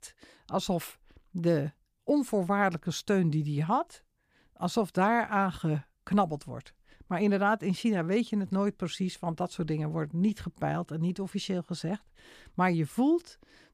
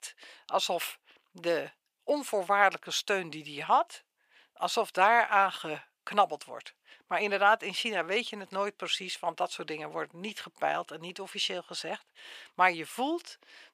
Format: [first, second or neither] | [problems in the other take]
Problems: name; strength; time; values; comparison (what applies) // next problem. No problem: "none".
first | thin; very; fading below 650 Hz